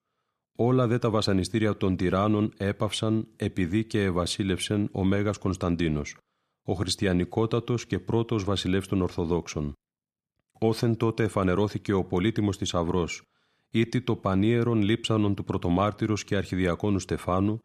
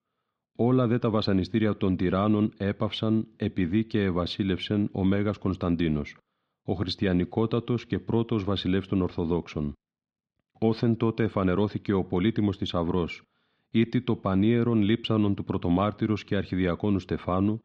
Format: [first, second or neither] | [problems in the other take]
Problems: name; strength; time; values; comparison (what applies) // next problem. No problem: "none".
first | muffled; very slightly; fading above 4 kHz